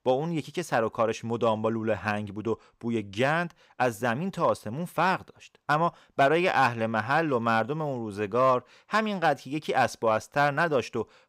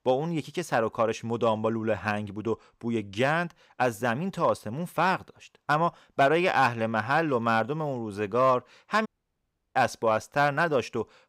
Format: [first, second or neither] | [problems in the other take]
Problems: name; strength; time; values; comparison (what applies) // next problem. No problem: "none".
first | audio cutting out; at 9 s for 0.5 s